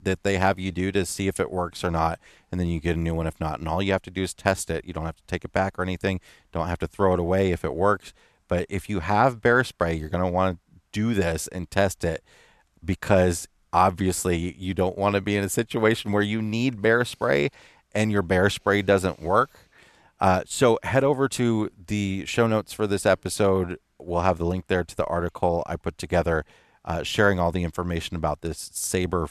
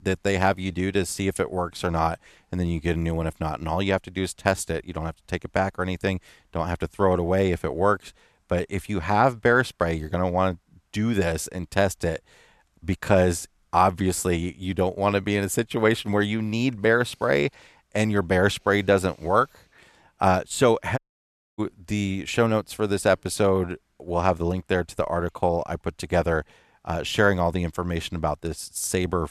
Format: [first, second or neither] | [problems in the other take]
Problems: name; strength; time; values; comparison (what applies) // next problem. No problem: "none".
first | audio cutting out; at 21 s for 0.5 s